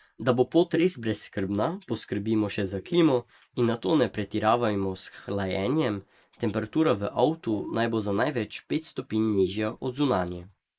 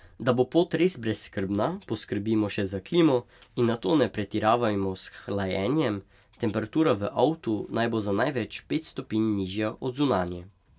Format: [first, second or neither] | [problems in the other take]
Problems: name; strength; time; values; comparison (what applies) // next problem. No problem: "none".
second | noise reduction (neural mask model Resemble Enhance denoiser)